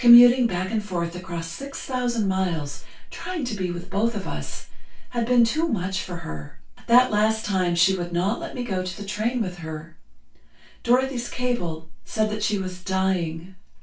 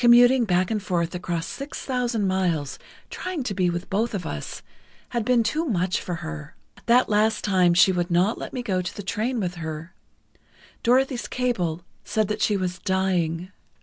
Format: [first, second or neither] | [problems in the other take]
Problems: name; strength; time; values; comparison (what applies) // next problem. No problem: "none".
second | room echo; dies away in 0.2 s